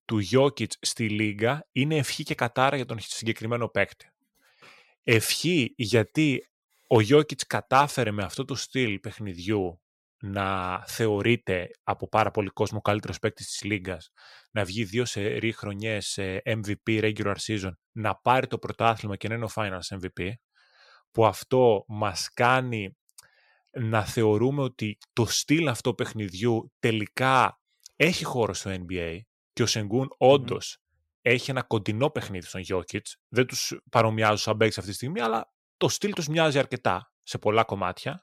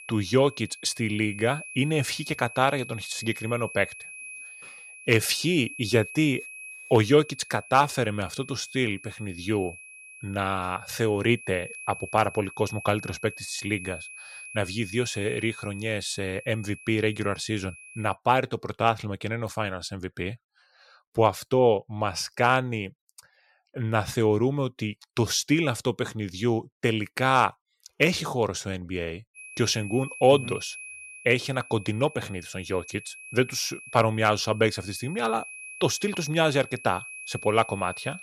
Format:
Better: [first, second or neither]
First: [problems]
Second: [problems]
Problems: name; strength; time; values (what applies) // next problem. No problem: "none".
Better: first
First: none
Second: high-pitched whine; noticeable; until 18 s and from 29 s on; 2.5 kHz, 15 dB below the speech